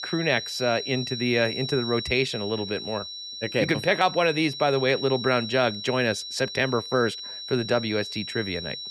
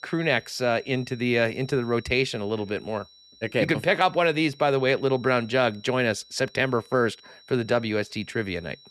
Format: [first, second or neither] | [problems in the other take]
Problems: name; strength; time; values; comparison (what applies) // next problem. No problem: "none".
second | high-pitched whine; loud; throughout; 4 kHz, 8 dB below the speech; faint in the second